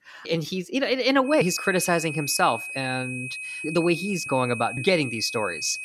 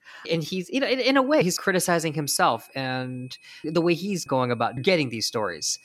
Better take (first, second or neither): second